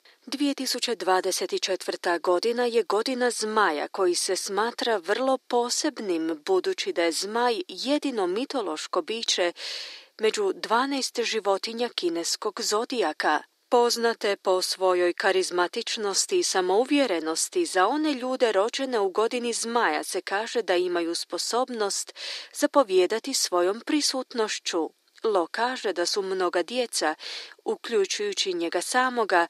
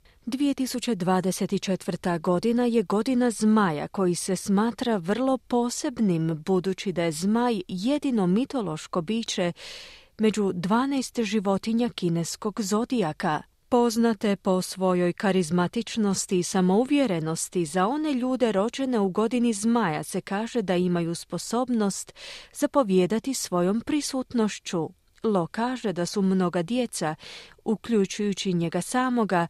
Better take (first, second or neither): second